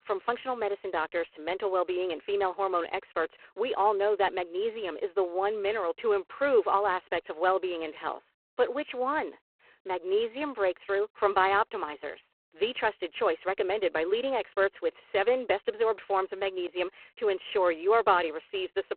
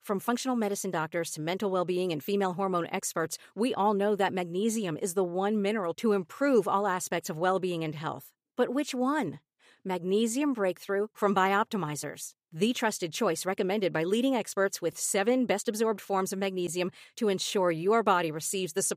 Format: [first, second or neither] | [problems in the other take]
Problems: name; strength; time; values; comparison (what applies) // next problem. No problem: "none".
second | phone-call audio; poor line